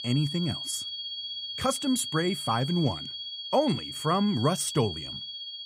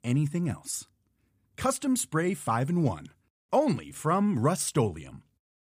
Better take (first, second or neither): second